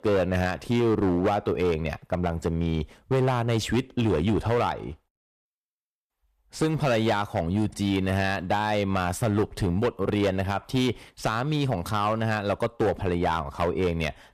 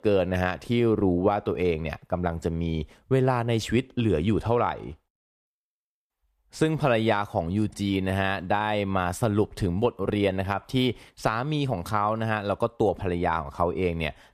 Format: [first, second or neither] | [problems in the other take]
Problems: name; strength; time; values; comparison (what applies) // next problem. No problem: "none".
second | distortion; slight; 10% of the sound clipped